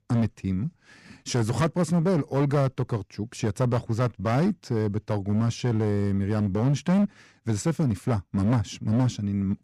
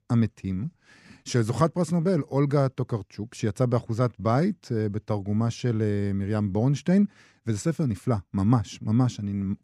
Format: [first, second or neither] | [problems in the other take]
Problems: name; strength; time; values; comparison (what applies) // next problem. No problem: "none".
second | distortion; slight; 10% of the sound clipped